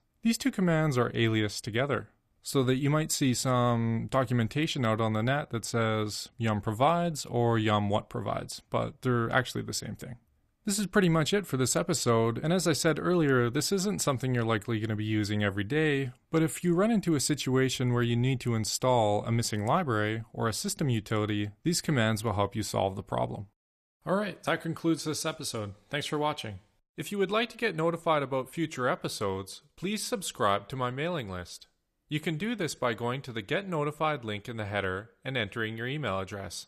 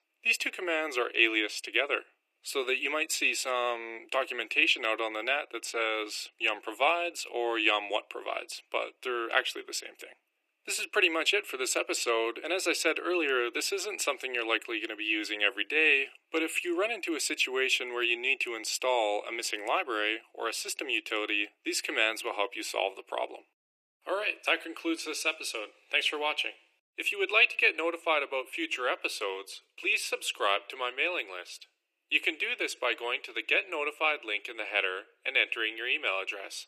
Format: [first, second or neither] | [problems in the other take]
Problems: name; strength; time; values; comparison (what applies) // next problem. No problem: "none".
first | thin; very; fading below 350 Hz